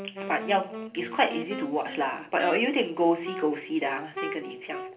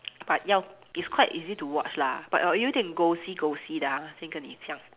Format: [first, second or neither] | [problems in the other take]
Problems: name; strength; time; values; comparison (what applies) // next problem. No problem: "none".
second | background sound (Wind instrument, woodwind instrument); 10 dB below the speech // room echo; dies away in 0.3 s